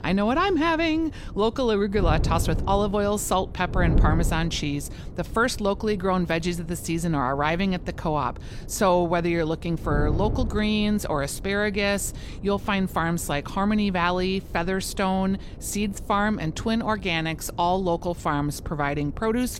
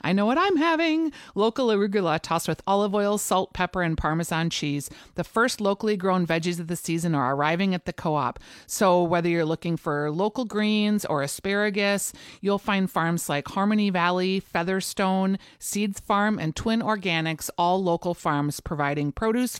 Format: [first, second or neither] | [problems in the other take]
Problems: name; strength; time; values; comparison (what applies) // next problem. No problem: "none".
second | wind noise on the microphone; occasional gusts; 20 dB below the speech